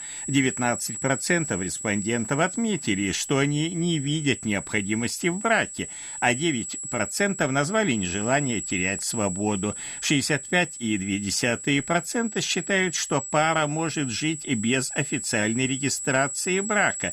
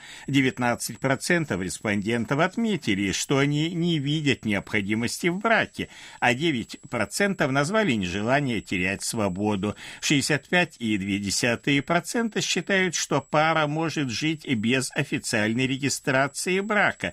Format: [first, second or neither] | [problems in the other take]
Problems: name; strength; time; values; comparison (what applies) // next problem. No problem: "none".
second | high-pitched whine; loud; throughout; 8 kHz, 7 dB below the speech; faint in the second